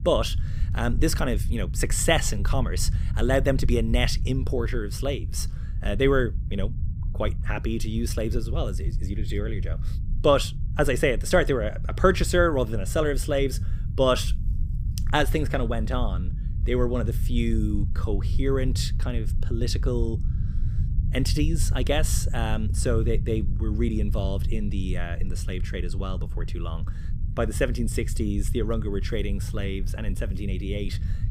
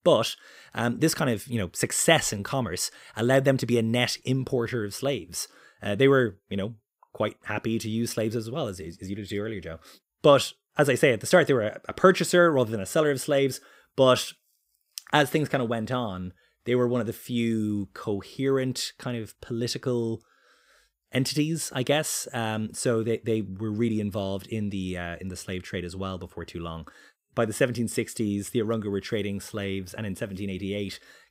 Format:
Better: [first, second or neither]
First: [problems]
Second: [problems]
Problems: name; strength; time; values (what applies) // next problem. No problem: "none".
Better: second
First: low rumble; noticeable; throughout; 15 dB below the speech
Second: none